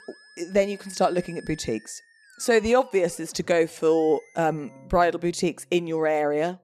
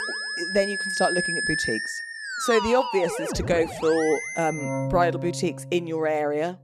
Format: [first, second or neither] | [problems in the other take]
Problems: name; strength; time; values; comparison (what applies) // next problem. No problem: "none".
first | background music; loud; throughout; 3 dB below the speech; faint in the first